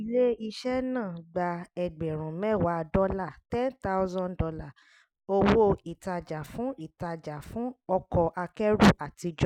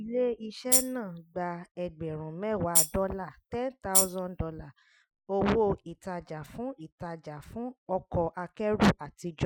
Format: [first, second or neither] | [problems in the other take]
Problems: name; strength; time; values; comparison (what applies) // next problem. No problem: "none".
first | noise reduction (classical method Wiener filter)